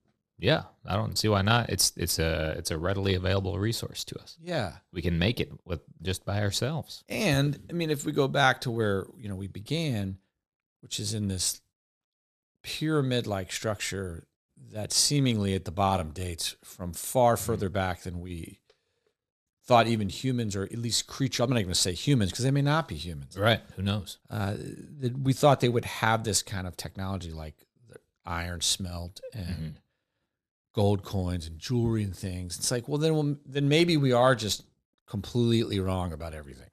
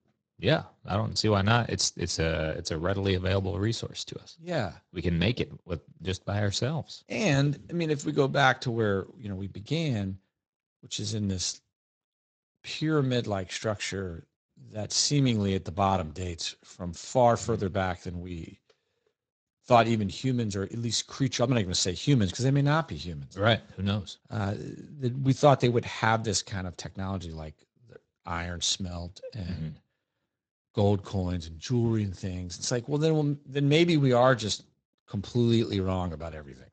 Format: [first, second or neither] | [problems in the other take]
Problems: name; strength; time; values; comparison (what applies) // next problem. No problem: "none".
first | garbled, watery; slightly; nothing above 8 kHz